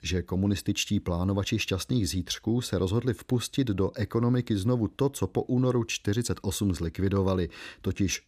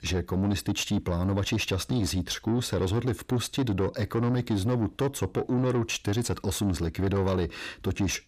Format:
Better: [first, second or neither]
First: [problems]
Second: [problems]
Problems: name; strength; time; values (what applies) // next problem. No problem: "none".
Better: first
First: none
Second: distortion; slight; 10 dB below the speech